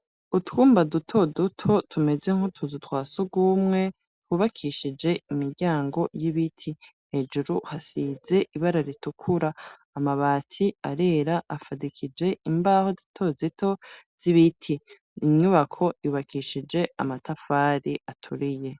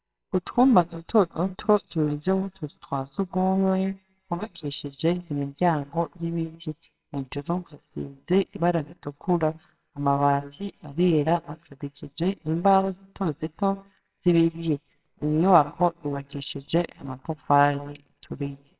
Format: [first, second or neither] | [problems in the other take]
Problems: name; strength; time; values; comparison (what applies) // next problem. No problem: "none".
first | noise reduction (neural separator model SepFormer WHAMR!)